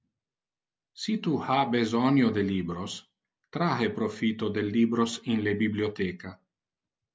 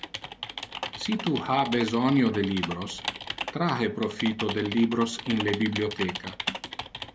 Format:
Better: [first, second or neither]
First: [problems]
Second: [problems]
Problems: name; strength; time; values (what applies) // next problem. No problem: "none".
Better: first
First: none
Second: background sound (Typing); 9 dB below the speech